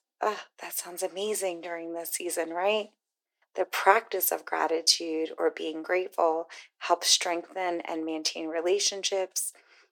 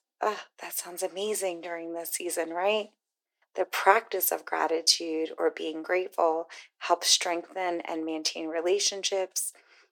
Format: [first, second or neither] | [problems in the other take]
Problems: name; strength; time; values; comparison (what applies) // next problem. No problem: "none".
neither | thin; very; fading below 350 Hz; the same in both